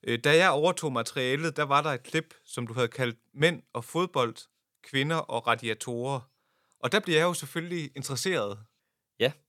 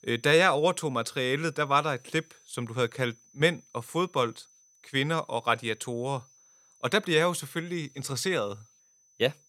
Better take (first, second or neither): first